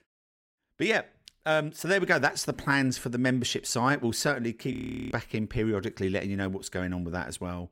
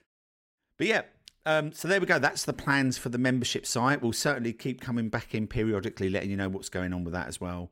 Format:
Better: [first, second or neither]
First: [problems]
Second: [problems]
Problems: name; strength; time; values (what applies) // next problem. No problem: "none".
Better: second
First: audio freezing; at 4.5 s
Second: none